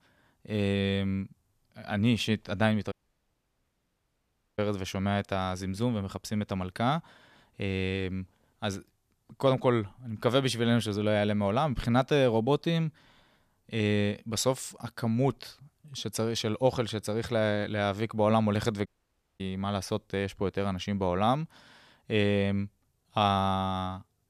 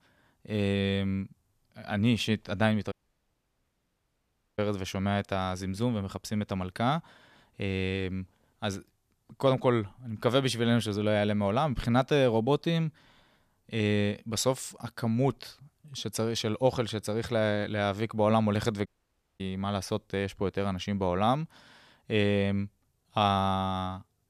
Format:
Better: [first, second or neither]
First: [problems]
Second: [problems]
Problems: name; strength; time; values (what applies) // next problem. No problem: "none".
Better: neither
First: audio cutting out; at 3 s for 1.5 s and at 19 s for 0.5 s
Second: audio cutting out; at 3 s for 1.5 s and at 19 s for 0.5 s